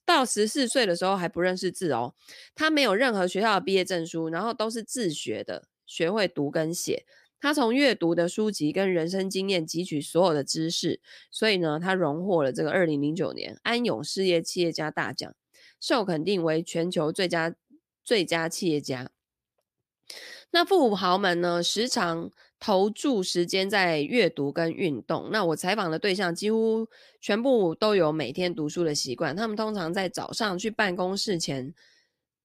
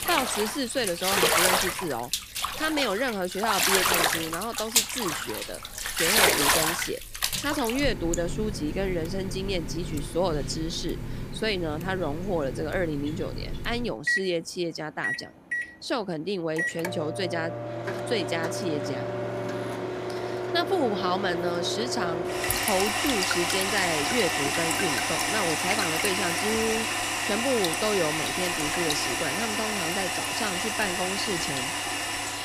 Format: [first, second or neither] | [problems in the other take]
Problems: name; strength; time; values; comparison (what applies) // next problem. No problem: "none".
first | household noises; very loud; throughout; 3 dB above the speech